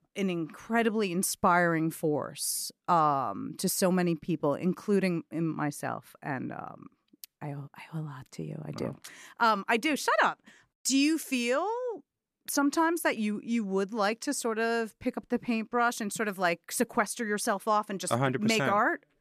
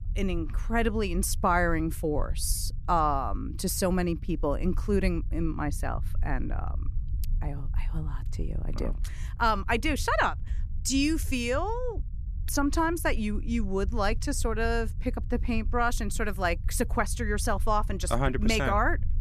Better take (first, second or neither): first